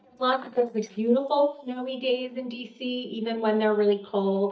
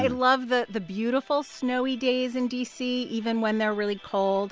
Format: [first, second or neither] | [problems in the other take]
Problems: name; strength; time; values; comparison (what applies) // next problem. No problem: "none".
second | noise reduction (neural mask model DeepFilterNet 3)